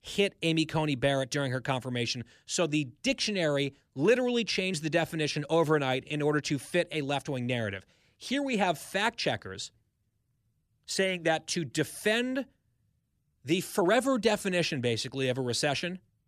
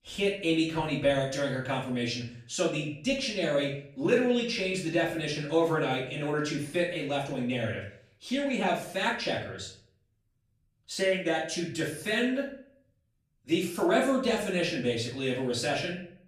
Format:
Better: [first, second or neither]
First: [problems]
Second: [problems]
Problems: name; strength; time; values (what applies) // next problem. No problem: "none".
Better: first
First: none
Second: off-mic speech; far // room echo; slight; dies away in 0.5 s